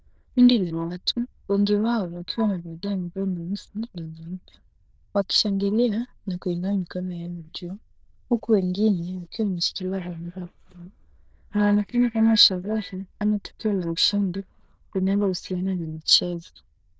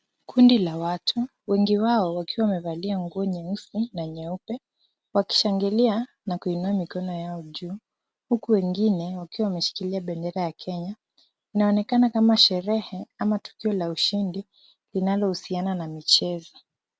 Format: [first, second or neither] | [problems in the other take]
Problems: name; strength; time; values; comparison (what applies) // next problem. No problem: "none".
second | noise reduction (neural diffusion model UNIVERSE++)